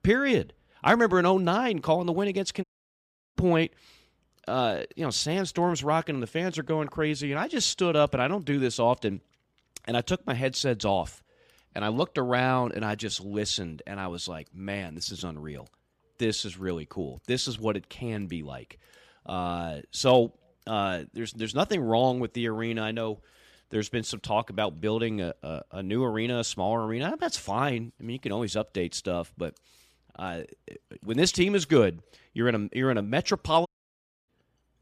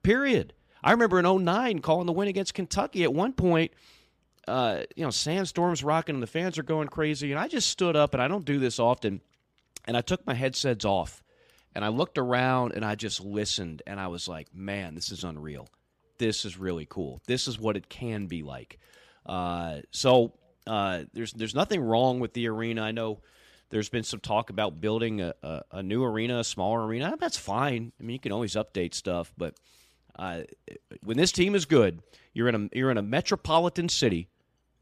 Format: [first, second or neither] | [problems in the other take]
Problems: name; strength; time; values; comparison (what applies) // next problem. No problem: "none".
second | audio cutting out; at 2.5 s for 0.5 s and at 34 s for 0.5 s